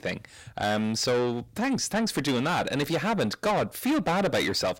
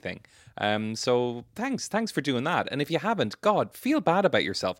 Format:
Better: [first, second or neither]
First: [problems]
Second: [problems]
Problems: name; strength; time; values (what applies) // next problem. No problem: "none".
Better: second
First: distortion; heavy; 6 dB below the speech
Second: none